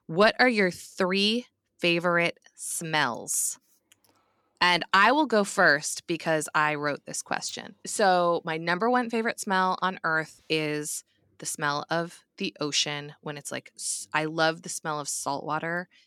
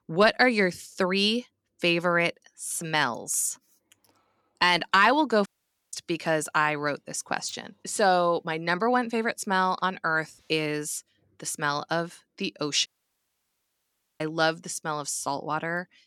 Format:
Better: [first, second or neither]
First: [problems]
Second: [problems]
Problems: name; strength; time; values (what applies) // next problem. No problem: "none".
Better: first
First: none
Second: audio cutting out; at 5.5 s and at 13 s for 1.5 s